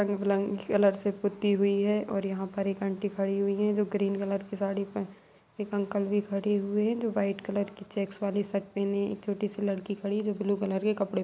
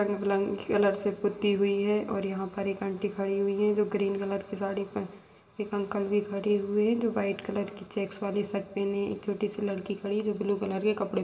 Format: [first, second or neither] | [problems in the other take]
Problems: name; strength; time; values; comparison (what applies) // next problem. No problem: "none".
first | room echo; dies away in 0.8 s